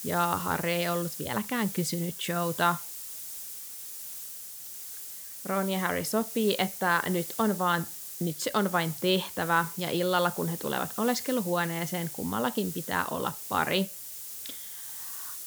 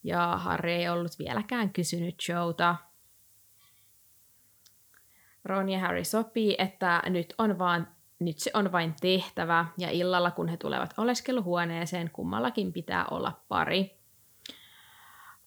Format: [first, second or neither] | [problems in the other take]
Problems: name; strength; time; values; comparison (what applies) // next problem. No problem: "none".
second | hiss; loud; throughout; 7 dB below the speech; faint in the second